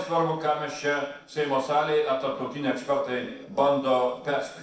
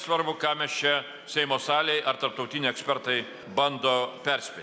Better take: second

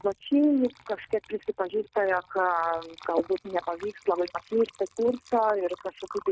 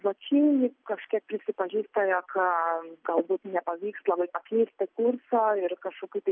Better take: second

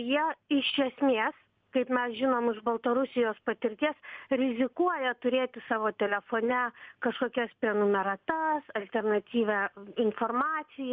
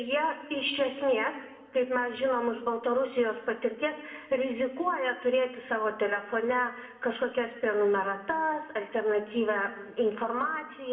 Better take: first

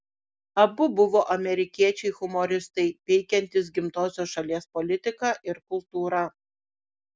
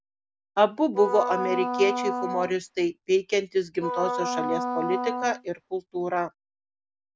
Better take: first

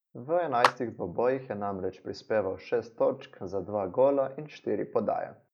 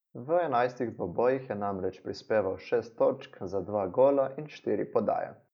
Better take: second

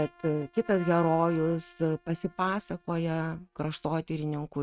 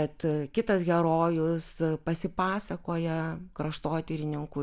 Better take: second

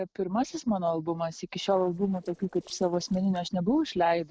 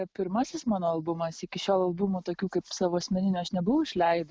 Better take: second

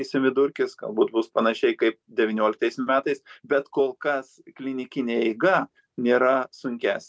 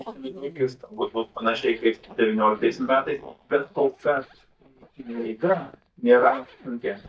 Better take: first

